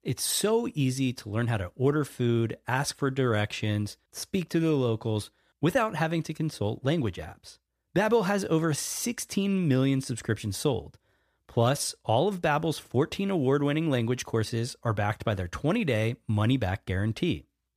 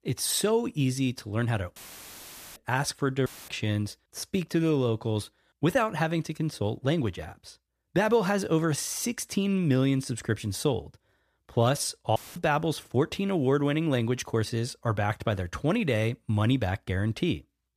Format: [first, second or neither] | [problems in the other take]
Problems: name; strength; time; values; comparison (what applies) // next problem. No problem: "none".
first | audio cutting out; filled with static; at 2 s for 1 s, at 3.5 s and at 12 s